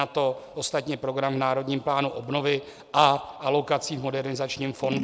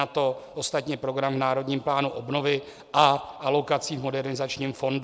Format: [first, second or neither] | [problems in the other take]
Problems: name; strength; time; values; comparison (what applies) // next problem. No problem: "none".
second | background sound (Scissors); 17 dB below the speech